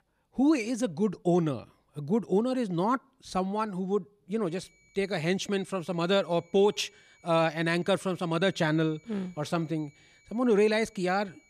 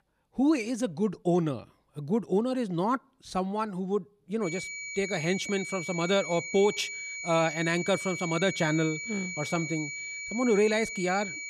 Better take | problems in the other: first | high-pitched whine; loud; from 4.5 s on; 2.5 kHz, 6 dB below the speech; faint in the first

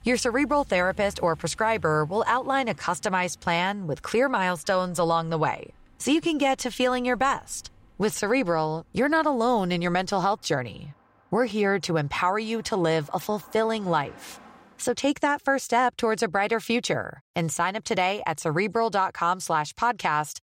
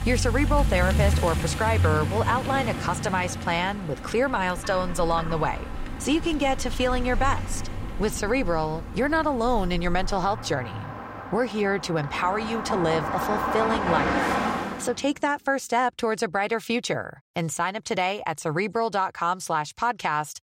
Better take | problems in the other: first | traffic noise; loud; until 14 s; 4 dB below the speech; faint in the first

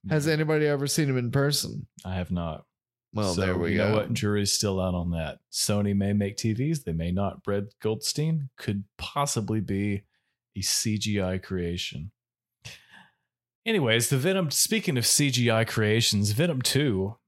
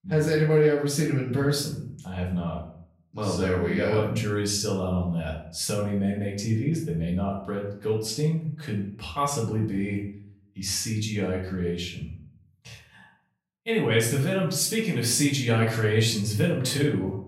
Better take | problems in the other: first | off-mic speech; far // room echo; noticeable; dies away in 0.5 s

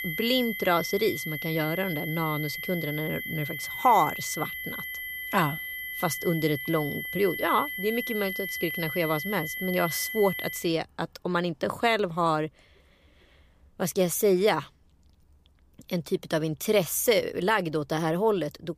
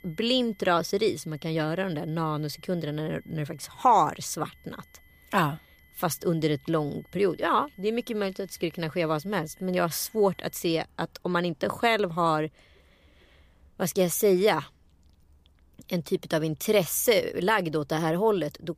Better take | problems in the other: second | high-pitched whine; loud; until 11 s; 2 kHz, 5 dB below the speech; faint in the second

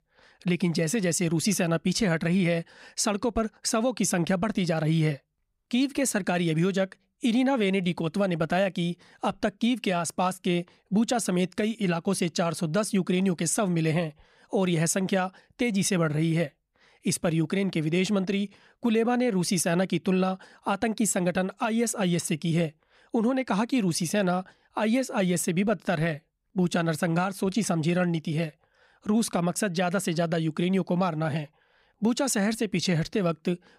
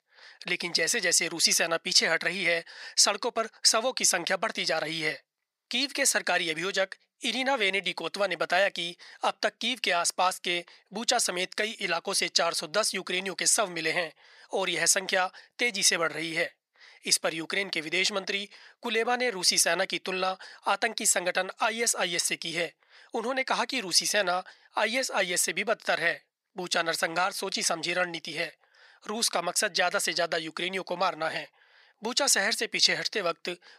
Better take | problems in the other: first | thin; very; fading below 600 Hz

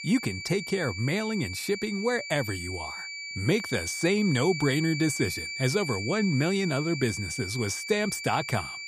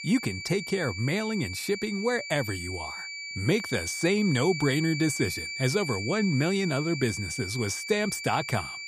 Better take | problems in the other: neither | high-pitched whine; loud; throughout; 2.5 kHz, 6 dB below the speech; the same in both

